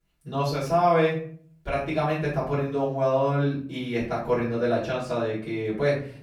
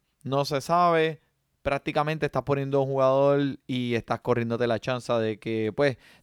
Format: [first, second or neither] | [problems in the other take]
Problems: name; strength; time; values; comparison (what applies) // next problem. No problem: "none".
second | room echo; noticeable; dies away in 0.4 s // off-mic speech; far